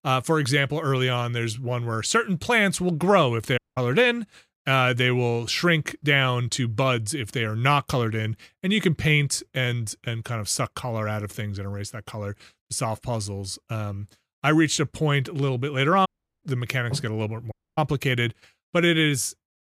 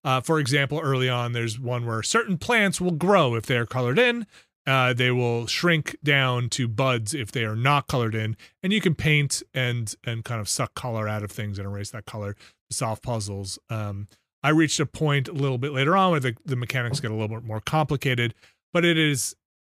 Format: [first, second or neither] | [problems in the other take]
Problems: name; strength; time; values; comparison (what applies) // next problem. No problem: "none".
second | audio cutting out; at 3.5 s, at 16 s and at 18 s